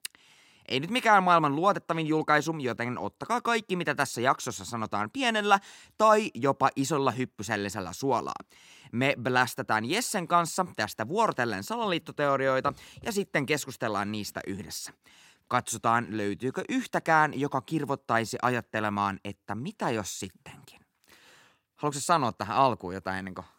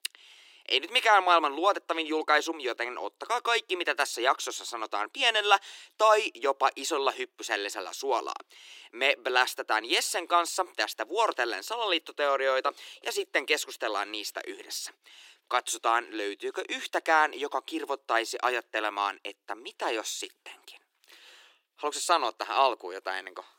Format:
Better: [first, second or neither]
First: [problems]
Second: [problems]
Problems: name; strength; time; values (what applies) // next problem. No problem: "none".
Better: first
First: none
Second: thin; very; fading below 350 Hz